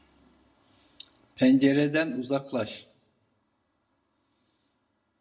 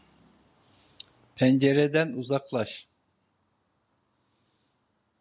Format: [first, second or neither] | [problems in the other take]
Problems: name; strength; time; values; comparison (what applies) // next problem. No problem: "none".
second | room echo; dies away in 0.3 s